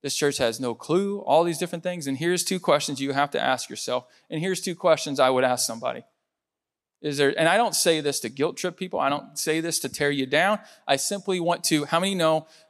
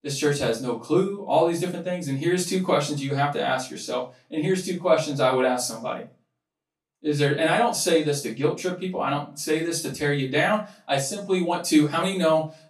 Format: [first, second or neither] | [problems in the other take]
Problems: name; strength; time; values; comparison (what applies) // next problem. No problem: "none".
first | off-mic speech; far // room echo; slight; dies away in 0.2 s